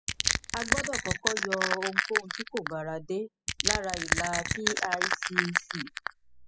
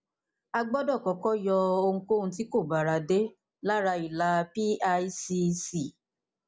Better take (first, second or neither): second